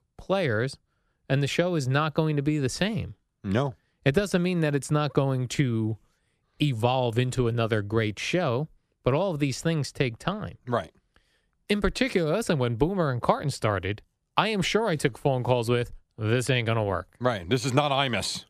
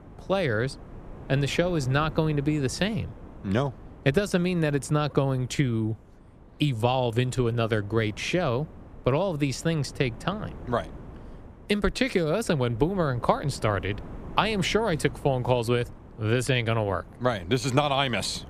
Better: first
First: none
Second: wind noise on the microphone; occasional gusts; 20 dB below the speech

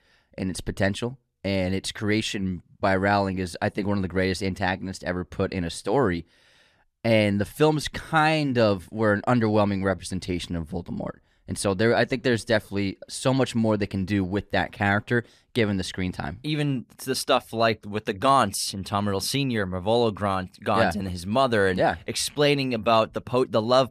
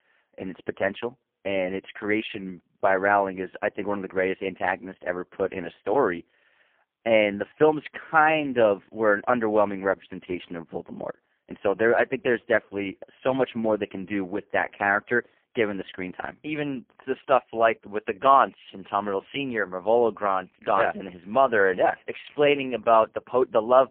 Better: first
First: none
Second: phone-call audio; poor line

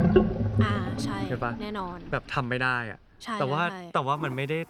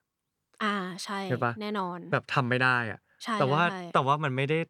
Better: second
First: household noises; very loud; throughout; 1 dB above the speech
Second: none

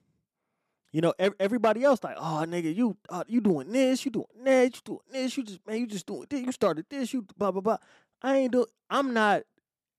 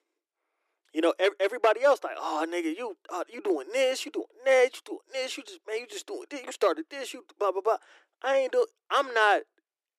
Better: first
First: none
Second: thin; very; fading below 300 Hz

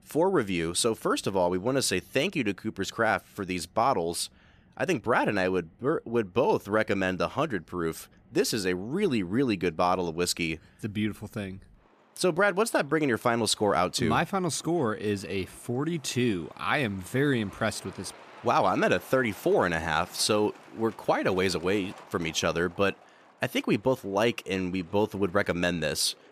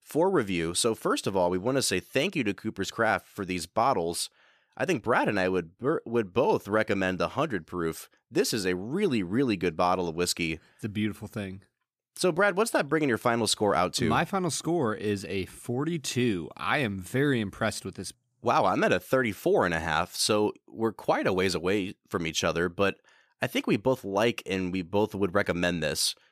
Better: second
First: traffic noise; faint; throughout; 25 dB below the speech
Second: none

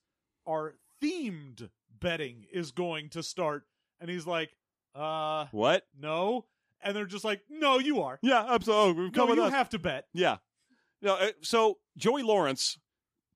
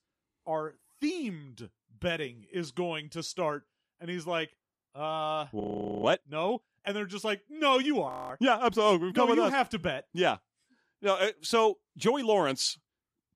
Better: first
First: none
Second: audio freezing; at 5.5 s and at 8 s

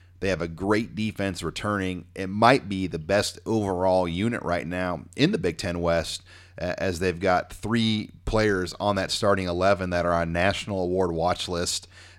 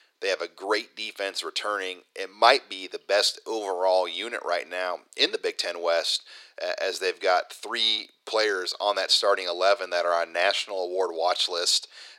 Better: first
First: none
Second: thin; very; fading below 400 Hz

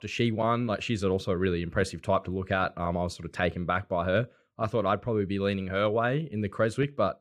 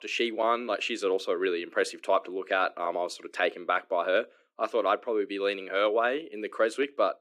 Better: first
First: none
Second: thin; somewhat; fading below 300 Hz

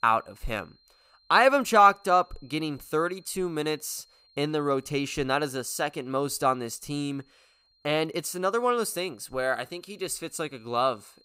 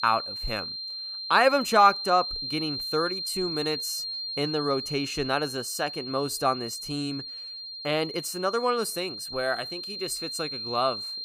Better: first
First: high-pitched whine; faint; throughout; 4 kHz, 35 dB below the speech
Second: high-pitched whine; loud; throughout; 4 kHz, 5 dB below the speech

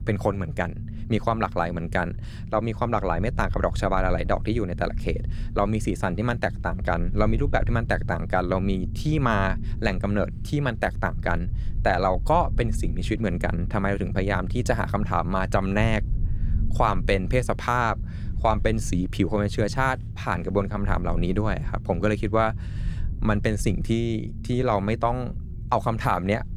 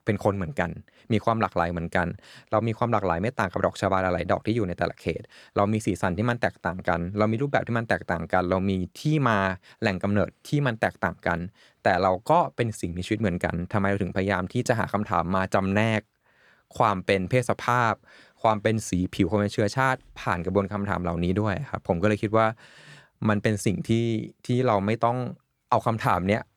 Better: second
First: low rumble; faint; throughout; 20 dB below the speech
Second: none

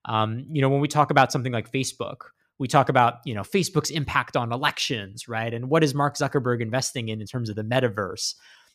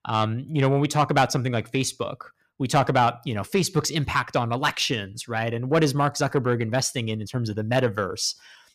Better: first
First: none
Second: distortion; slight; 10 dB below the speech

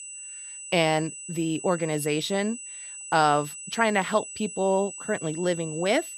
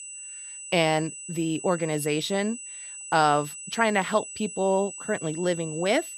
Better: neither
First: high-pitched whine; noticeable; throughout; 8 kHz, 10 dB below the speech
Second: high-pitched whine; noticeable; throughout; 8 kHz, 10 dB below the speech

